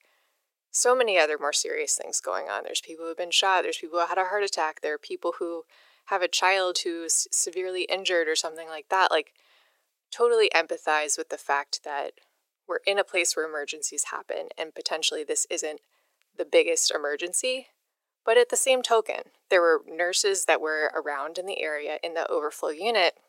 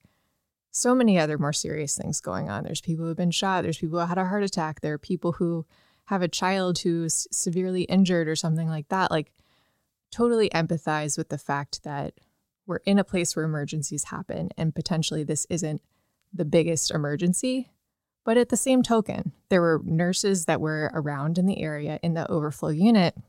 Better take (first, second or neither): second